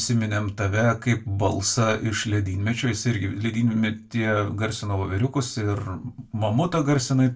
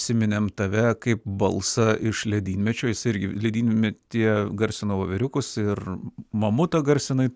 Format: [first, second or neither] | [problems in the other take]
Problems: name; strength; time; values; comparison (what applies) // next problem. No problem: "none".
second | room echo; dies away in 0.2 s